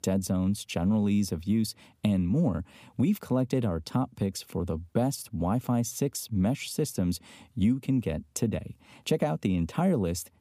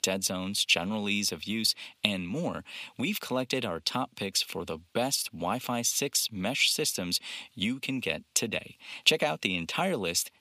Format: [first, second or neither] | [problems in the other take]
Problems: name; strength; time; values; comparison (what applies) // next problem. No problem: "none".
first | thin; somewhat; fading below 900 Hz